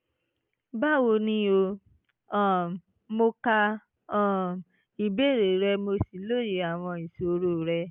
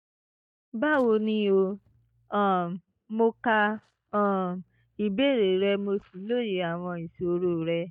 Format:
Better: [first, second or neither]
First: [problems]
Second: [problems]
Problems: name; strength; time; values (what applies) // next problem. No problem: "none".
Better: first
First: none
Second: noise reduction (neural mask model DeepFilterNet 3)